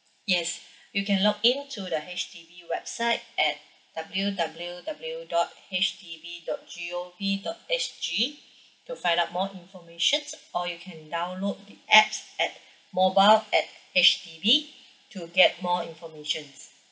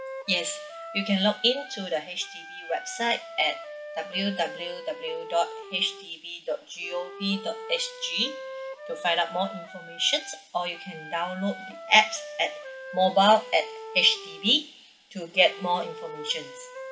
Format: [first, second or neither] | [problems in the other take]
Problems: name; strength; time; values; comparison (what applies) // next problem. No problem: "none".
first | background sound (Wind instrument, woodwind instrument); 13 dB below the speech